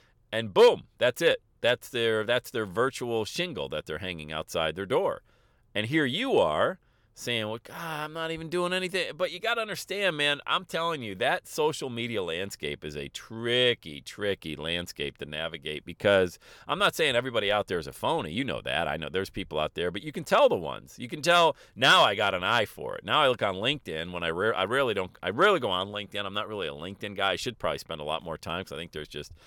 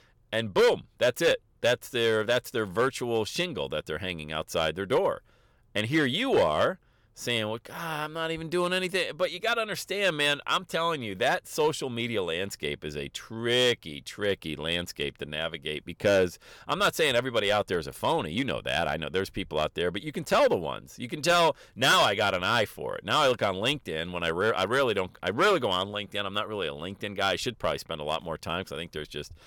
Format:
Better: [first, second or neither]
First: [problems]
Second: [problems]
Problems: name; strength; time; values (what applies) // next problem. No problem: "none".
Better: first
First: none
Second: distortion; slight; 3% of the sound clipped